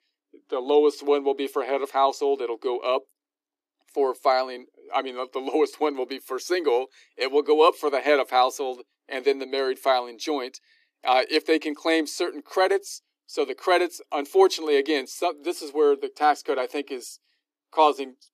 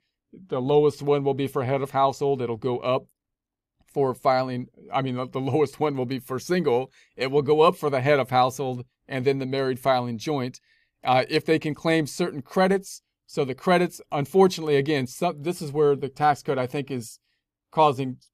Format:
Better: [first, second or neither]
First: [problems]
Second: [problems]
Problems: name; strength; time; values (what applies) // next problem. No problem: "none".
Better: second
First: thin; somewhat; fading below 300 Hz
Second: none